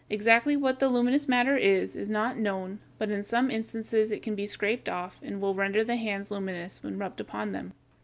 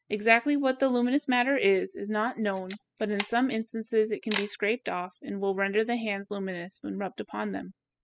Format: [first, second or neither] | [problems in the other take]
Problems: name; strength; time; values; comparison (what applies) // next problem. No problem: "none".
first | noise reduction (classical method spectral subtraction)